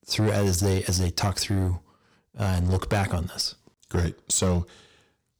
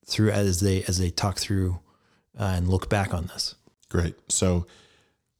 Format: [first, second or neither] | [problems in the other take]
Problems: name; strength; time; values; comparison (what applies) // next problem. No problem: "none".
second | distortion; slight; 7% of the sound clipped